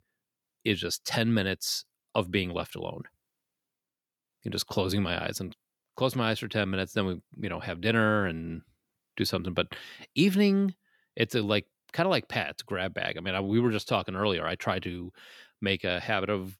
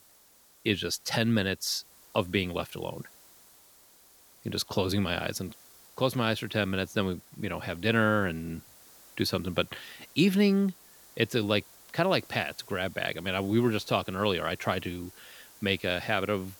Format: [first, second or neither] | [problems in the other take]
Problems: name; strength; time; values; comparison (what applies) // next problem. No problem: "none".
first | hiss; faint; throughout; 25 dB below the speech